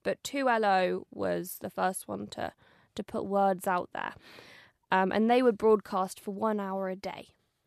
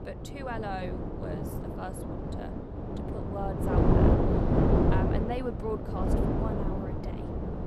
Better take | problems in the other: first | wind noise on the microphone; heavy; 5 dB above the speech

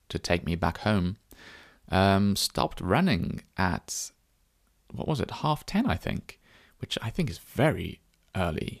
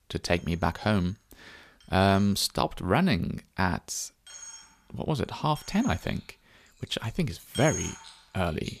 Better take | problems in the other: first | household noises; noticeable; throughout; 15 dB below the speech

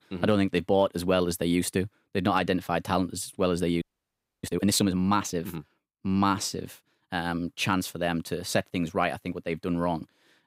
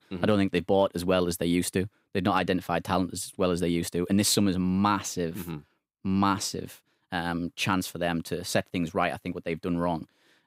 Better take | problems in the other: second | audio freezing; at 4 s for 0.5 s

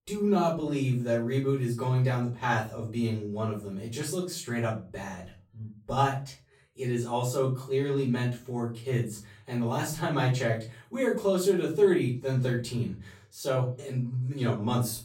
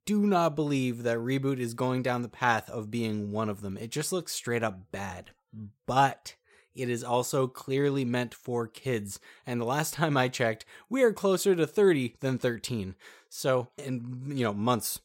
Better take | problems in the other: second | room echo; slight; dies away in 0.4 s // off-mic speech; far

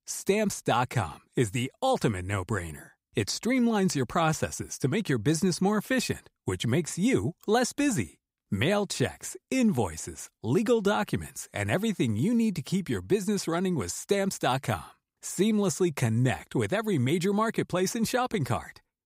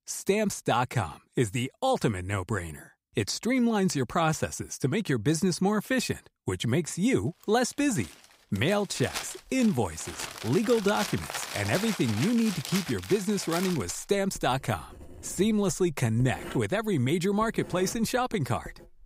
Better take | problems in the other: first | household noises; noticeable; from 8 s on; 10 dB below the speech

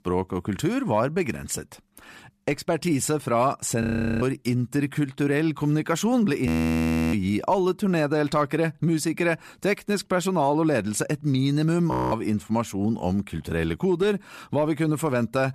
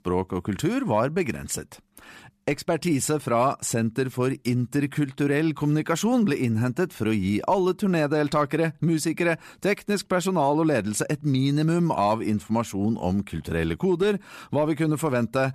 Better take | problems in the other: second | audio freezing; at 4 s, at 6.5 s for 0.5 s and at 12 s

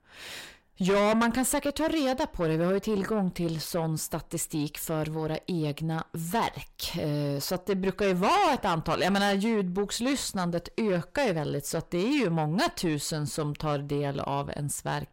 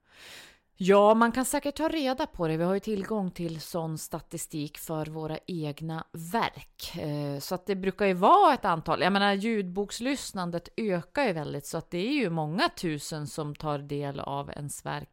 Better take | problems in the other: second | distortion; heavy; 6 dB below the speech

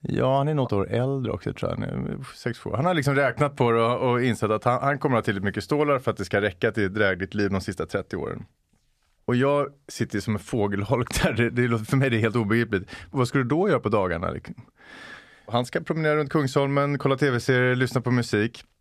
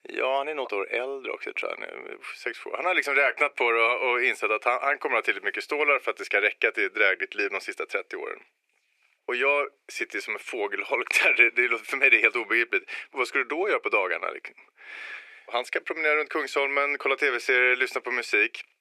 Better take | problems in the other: first | thin; very; fading below 350 Hz

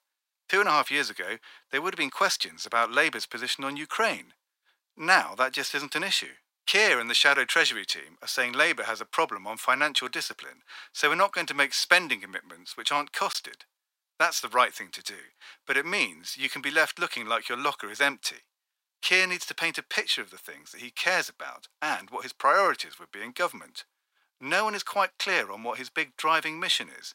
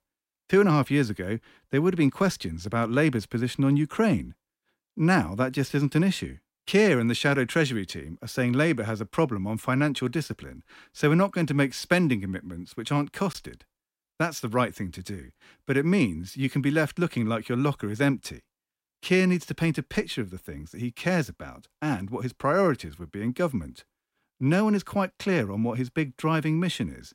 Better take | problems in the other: second | thin; very; fading below 950 Hz

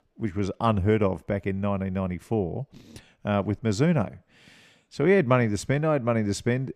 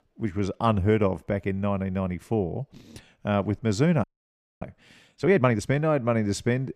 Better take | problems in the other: first | audio freezing; at 4 s for 0.5 s

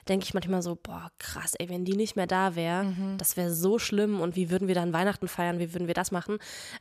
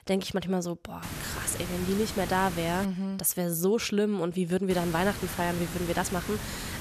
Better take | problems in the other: first | hiss; loud; from 1 to 3 s and from 4.5 s on; 8 dB below the speech

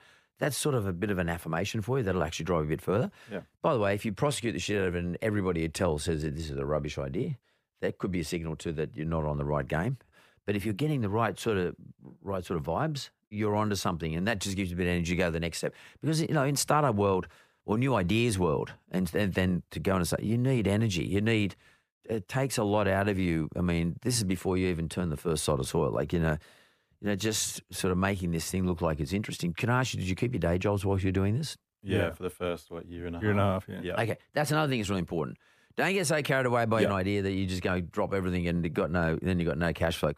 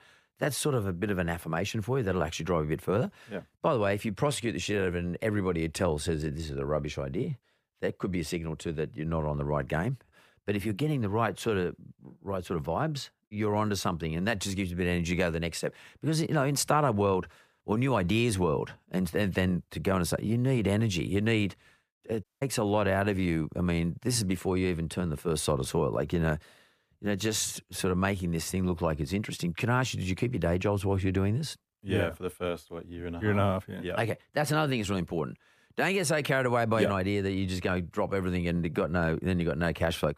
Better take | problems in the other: first | audio cutting out; at 22 s

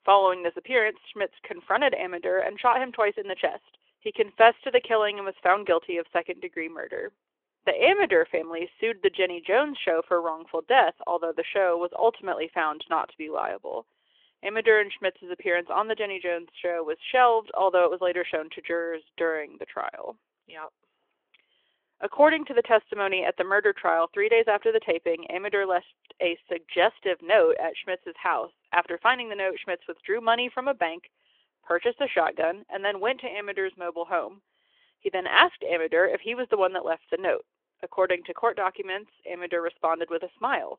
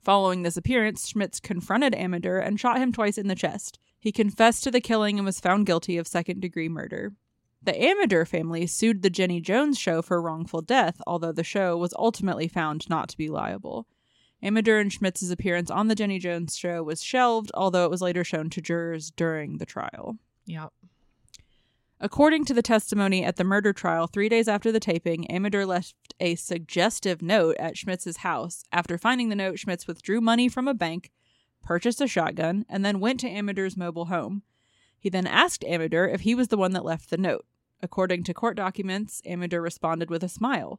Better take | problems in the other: second | phone-call audio; nothing above 3.5 kHz

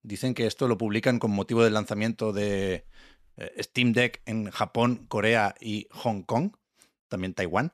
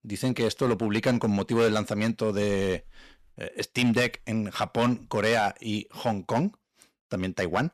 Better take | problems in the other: first | distortion; slight; 4% of the sound clipped

